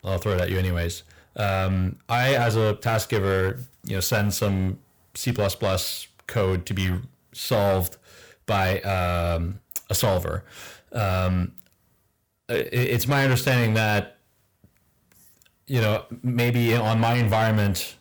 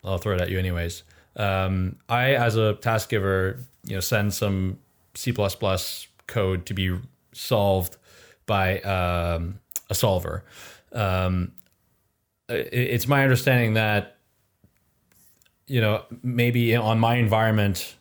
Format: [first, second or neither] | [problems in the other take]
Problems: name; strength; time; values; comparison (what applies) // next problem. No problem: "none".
second | distortion; slight; 8% of the sound clipped